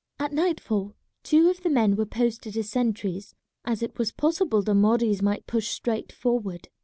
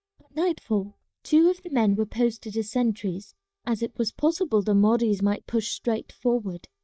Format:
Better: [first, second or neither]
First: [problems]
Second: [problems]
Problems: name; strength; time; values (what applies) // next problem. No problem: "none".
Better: first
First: none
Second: noise reduction (neural mask model DeepFilterNet 3)